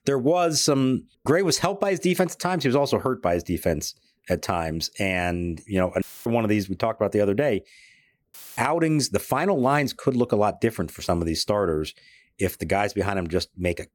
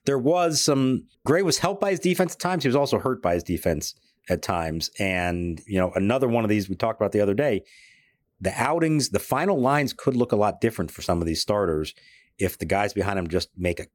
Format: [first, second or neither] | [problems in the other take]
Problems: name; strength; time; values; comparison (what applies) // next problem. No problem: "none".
second | audio cutting out; filled with static; at 6 s and at 8.5 s